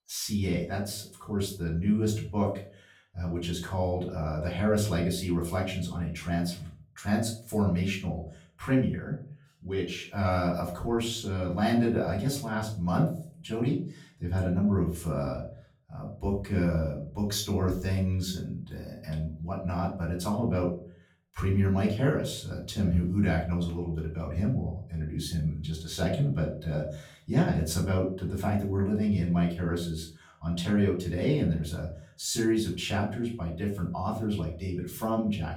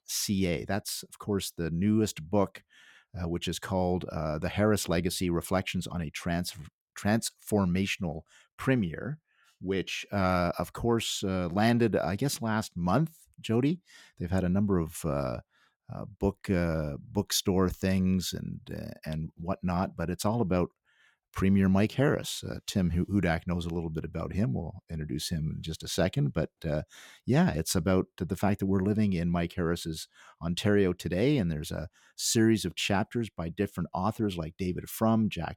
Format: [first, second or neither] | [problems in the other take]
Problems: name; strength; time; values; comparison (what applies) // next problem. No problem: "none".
second | room echo; slight; dies away in 0.4 s // off-mic speech; far